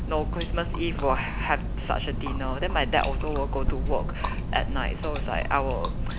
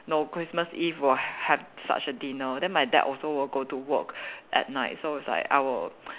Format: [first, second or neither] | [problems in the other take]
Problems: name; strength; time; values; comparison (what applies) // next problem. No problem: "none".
second | background sound (Chewing, mastication); 2 dB above the speech